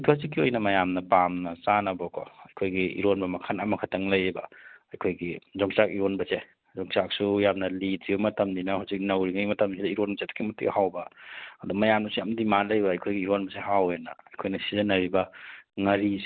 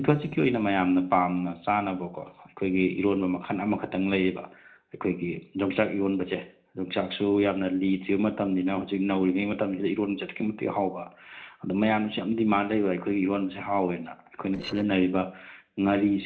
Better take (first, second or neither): first